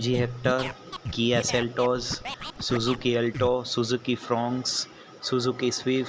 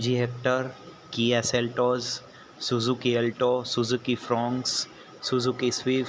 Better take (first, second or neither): second